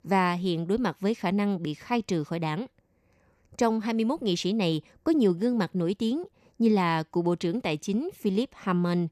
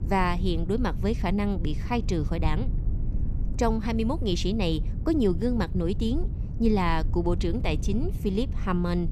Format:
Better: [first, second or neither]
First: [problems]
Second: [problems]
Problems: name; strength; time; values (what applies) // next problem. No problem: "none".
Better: first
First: none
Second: low rumble; noticeable; throughout; 15 dB below the speech